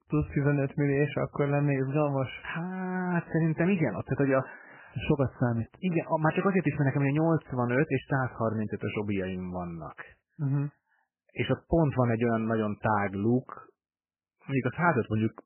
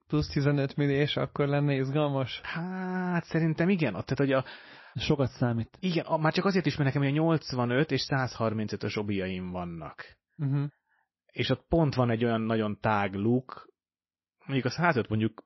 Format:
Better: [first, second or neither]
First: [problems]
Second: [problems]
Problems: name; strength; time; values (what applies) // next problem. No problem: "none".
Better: second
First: garbled, watery; badly; nothing above 3 kHz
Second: garbled, watery; slightly; nothing above 5.5 kHz